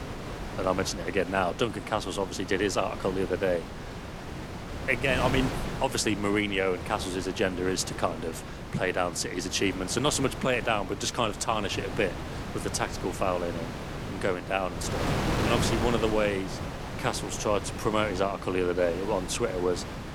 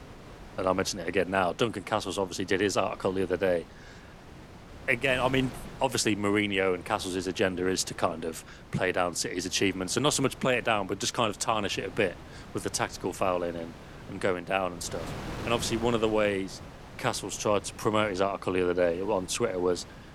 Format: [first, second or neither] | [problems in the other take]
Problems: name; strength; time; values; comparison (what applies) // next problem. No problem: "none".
second | wind noise on the microphone; heavy; 8 dB below the speech; occasional gusts in the second